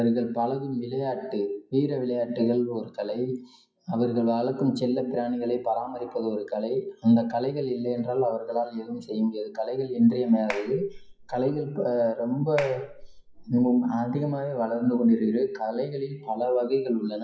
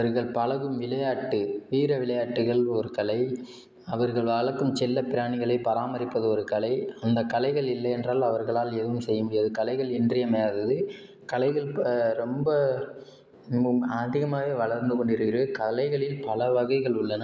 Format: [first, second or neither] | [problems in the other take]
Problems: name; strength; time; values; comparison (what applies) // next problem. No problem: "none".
second | noise reduction (classical method WPE with log-MMSE)